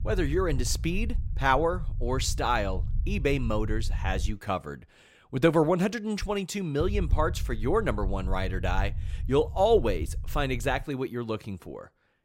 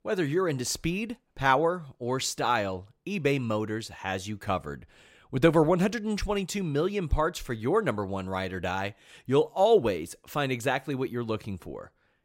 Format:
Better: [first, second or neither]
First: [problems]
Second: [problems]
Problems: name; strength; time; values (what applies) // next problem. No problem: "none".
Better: second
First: low rumble; faint; until 4.5 s and from 7 to 11 s; 25 dB below the speech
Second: none